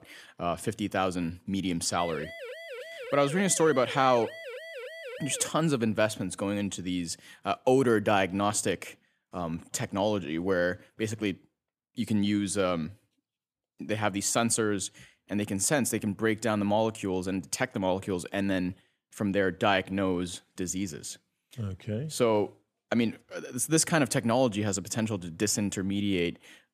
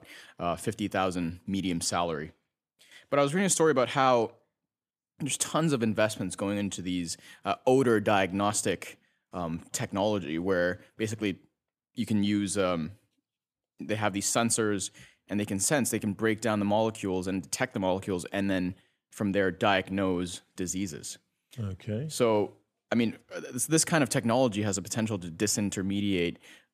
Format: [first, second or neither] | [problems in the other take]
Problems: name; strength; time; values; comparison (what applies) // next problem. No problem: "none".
second | siren; faint; from 2 to 5.5 s; peak 10 dB below the speech